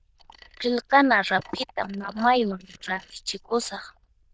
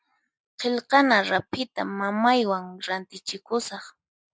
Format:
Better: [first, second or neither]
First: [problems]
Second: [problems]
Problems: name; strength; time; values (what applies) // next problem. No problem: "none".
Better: second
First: noise reduction (neural diffusion model UNIVERSE++)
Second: none